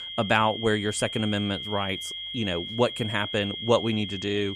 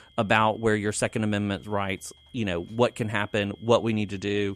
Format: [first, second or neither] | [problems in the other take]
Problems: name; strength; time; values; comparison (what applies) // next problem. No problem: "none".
second | high-pitched whine; loud; throughout; 3.5 kHz, 6 dB below the speech; faint in the second